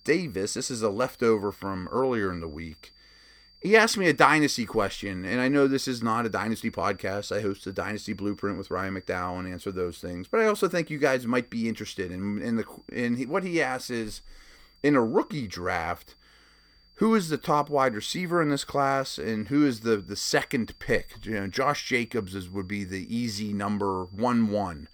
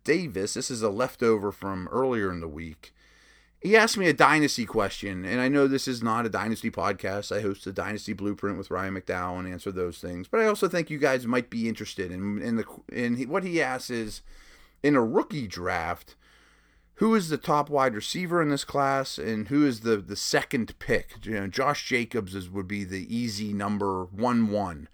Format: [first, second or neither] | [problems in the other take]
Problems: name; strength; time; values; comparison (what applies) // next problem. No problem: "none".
second | high-pitched whine; faint; throughout; 4.5 kHz, 30 dB below the speech